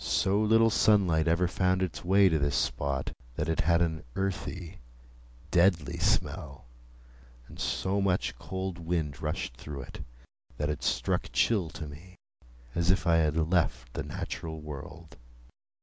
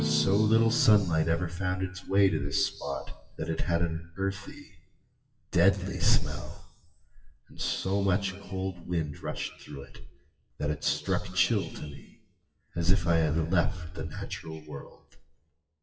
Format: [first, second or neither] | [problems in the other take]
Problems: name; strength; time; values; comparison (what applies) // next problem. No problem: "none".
first | noise reduction (classical method WPE with log-MMSE)